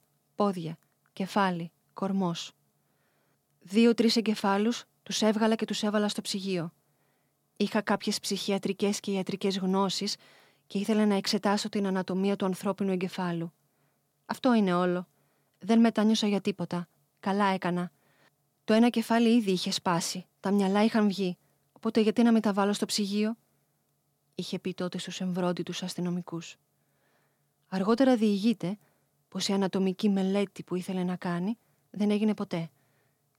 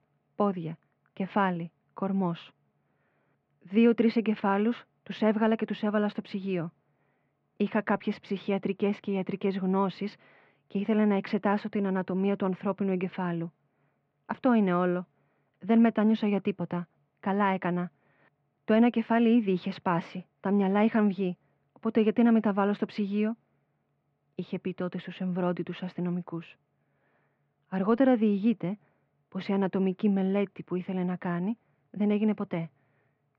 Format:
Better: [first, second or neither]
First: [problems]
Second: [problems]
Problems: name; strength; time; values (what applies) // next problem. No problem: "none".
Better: first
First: none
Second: muffled; very; fading above 2.5 kHz